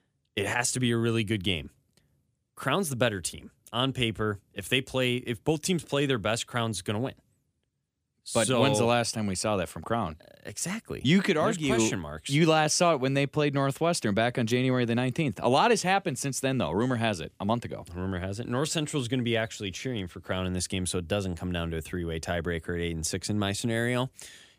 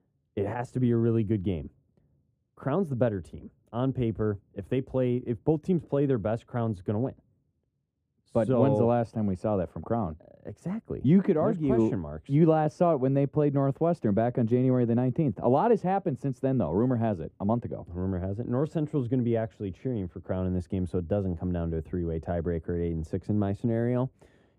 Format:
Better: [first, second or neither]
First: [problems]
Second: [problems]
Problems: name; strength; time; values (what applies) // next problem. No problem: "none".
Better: first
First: none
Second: muffled; very; fading above 1.5 kHz